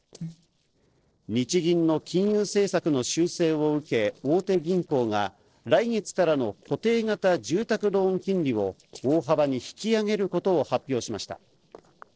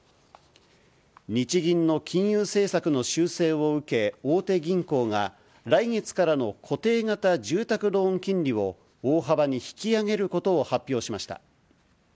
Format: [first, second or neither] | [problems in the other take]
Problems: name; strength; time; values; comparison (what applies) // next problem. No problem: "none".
second | noise reduction (neural separator model SepFormer DNS4)